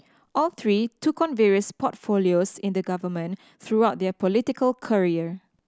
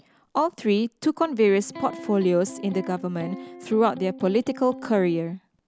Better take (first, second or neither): first